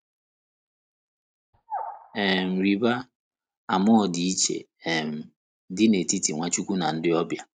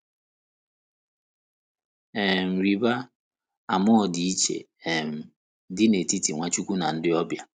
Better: second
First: noise reduction (neural mask model RNNoise)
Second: none

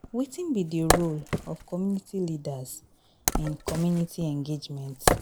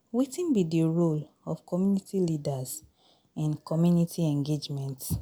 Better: second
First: background sound (Wood); 1 dB below the speech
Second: none

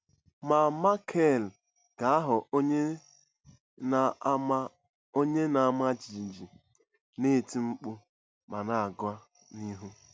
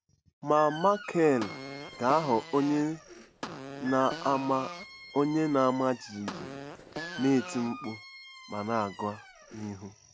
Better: first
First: none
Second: background sound (Fart + Squeak); 13 dB below the speech

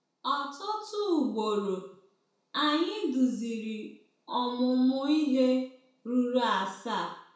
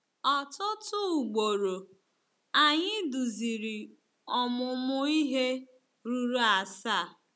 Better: second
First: room echo; dies away in 0.6 s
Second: none

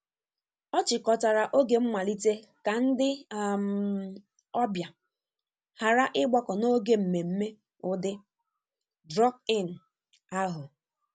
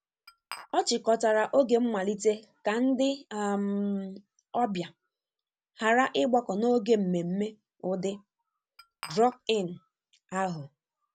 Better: first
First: none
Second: background sound (Glass); 19 dB below the speech

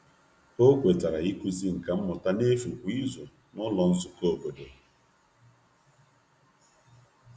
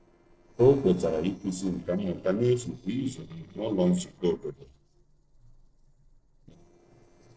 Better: first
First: none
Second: noise reduction (neural separator model SepFormer DNS4)

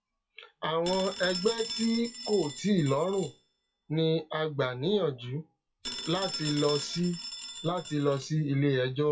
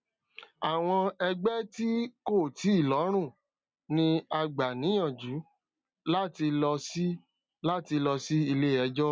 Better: second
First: noise reduction (classical method WPE with log-MMSE)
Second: none

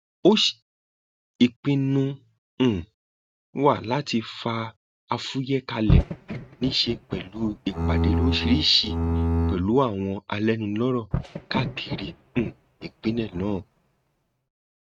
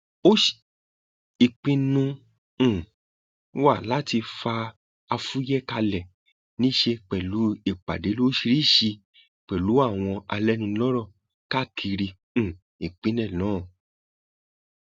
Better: second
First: noise reduction (neural mask model RNNoise)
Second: none

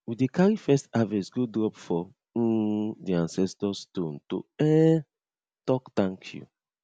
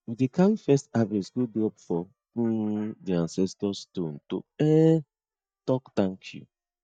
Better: first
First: none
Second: noise reduction (neural mask model DeepFilterNet 3)

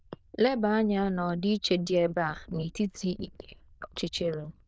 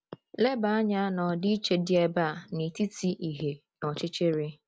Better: second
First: noise reduction (neural diffusion model UNIVERSE++)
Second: none

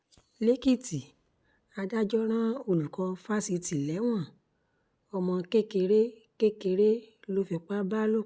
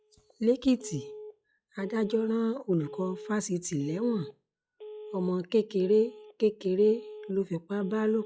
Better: first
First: none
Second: noise reduction (classical method log-MMSE)

